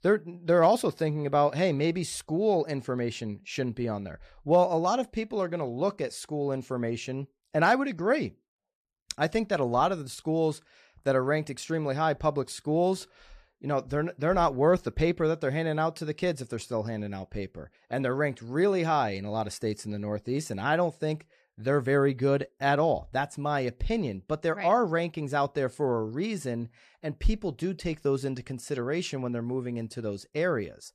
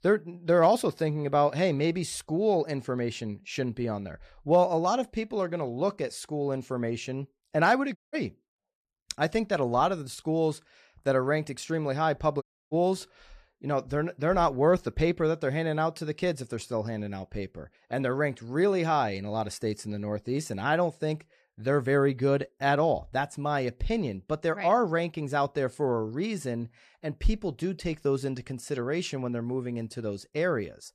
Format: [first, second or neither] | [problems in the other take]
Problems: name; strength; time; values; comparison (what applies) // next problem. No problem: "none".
first | audio cutting out; at 8 s and at 12 s